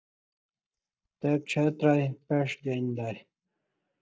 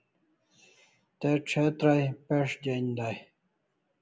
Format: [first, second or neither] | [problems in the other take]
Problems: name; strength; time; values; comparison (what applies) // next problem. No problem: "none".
second | noise reduction (neural mask model DeepFilterNet 3)